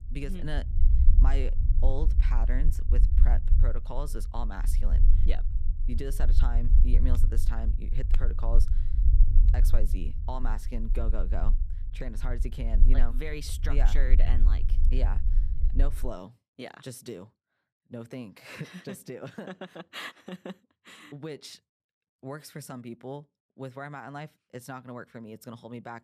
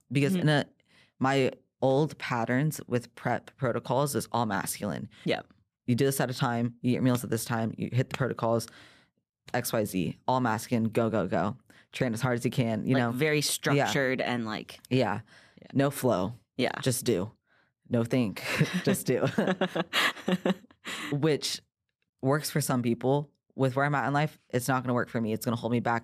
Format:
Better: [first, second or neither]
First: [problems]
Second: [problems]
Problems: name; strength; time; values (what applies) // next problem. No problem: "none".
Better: second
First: low rumble; loud; until 16 s; 8 dB below the speech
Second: none